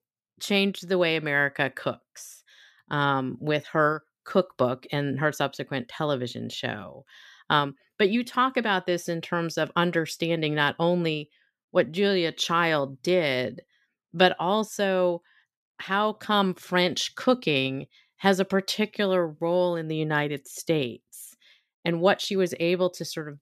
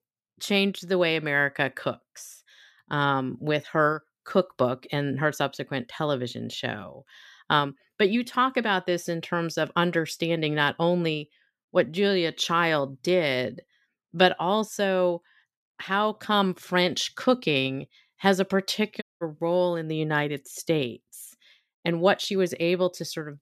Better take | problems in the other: first | audio cutting out; at 19 s

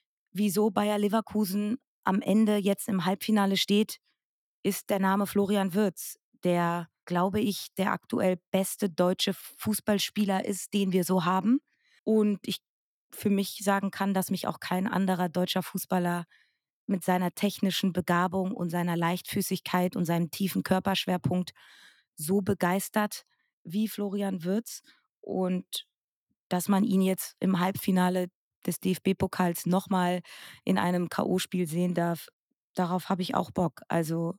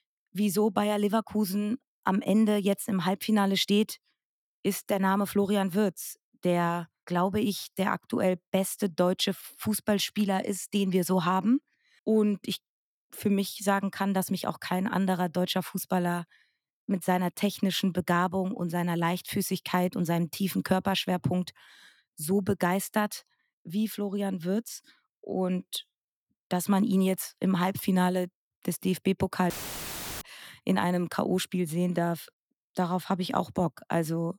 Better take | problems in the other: first | audio cutting out; filled with static; at 30 s for 0.5 s

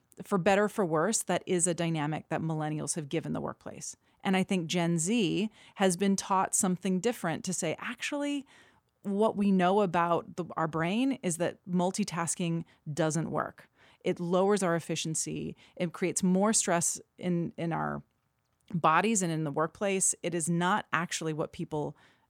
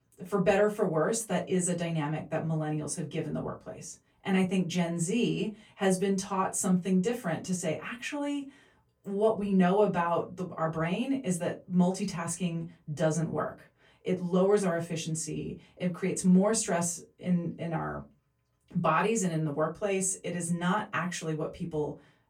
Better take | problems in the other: first | off-mic speech; far // room echo; very slight; dies away in 0.2 s

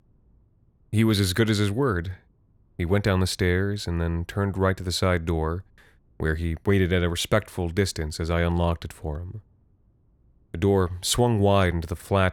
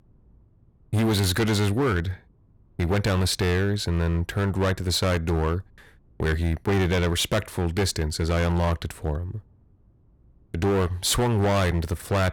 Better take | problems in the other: first | distortion; heavy; 15% of the sound clipped

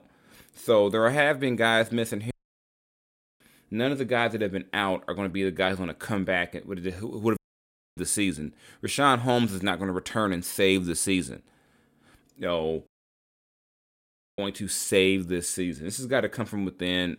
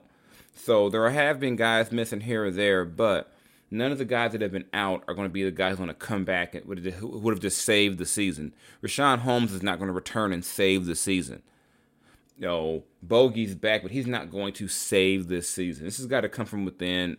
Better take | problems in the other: second | audio cutting out; at 2.5 s for 1 s, at 7.5 s for 0.5 s and at 13 s for 1.5 s

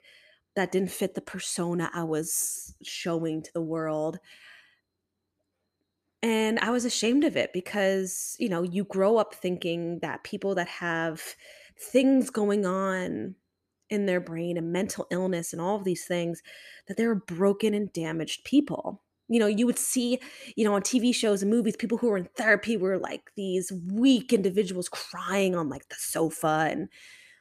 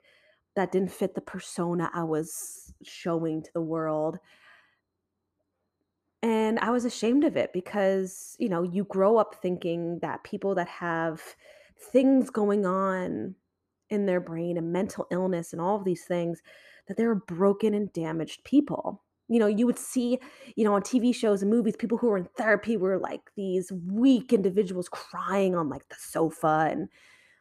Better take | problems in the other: first | muffled; slightly; fading above 1.5 kHz

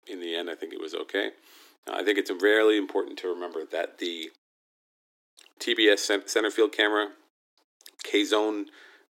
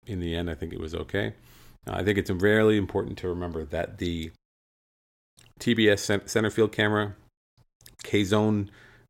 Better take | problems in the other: second | thin; somewhat; fading below 300 Hz

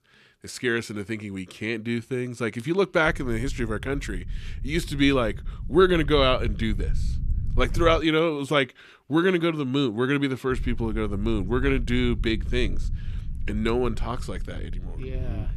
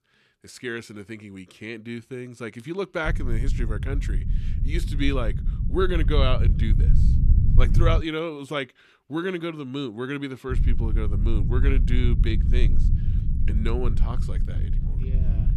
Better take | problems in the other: first | low rumble; loud; from 3 to 8 s and from 11 s on; 9 dB below the speech; faint in the first

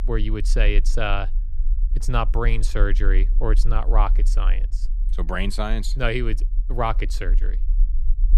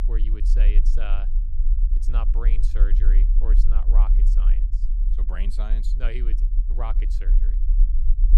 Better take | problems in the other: first | low rumble; loud; throughout; 8 dB below the speech; faint in the first

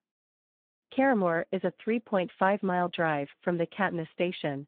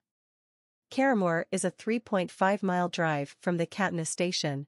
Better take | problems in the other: second | phone-call audio; nothing above 3.5 kHz

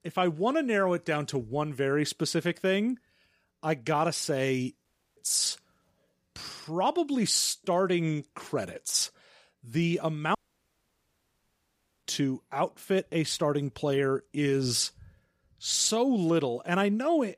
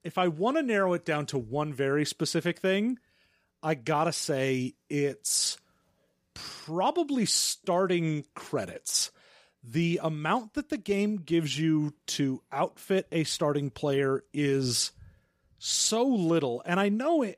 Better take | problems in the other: second | audio cutting out; at 5 s and at 10 s for 1.5 s

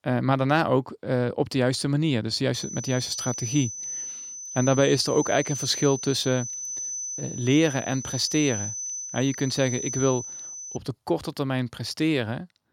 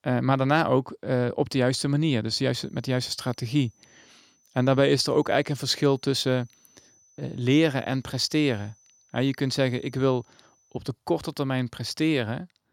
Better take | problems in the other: second | high-pitched whine; loud; from 2.5 to 11 s; 6 kHz, 7 dB below the speech; faint in the second

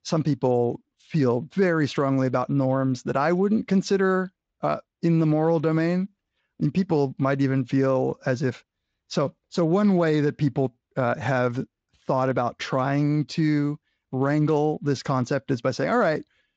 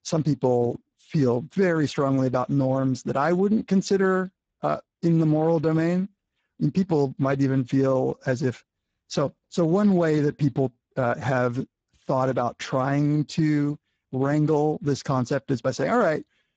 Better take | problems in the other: first | garbled, watery; badly; nothing above 7.5 kHz; slightly in the first

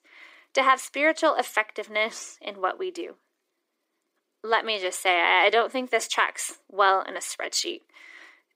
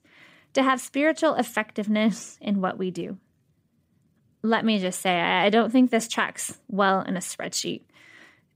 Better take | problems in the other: second | thin; very; fading below 350 Hz

